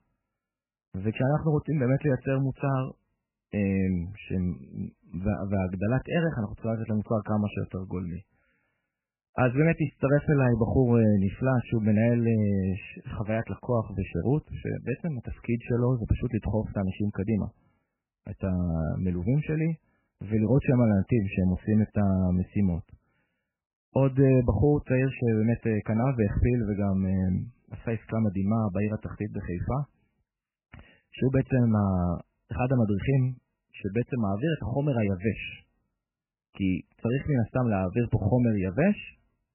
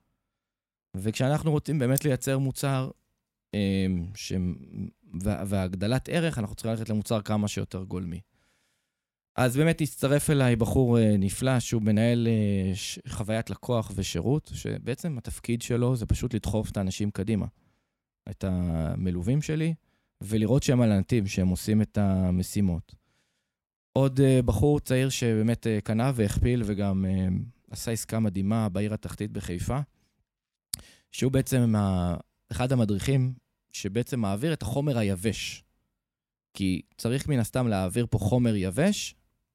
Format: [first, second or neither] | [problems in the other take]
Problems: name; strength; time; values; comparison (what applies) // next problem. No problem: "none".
second | garbled, watery; badly; nothing above 3 kHz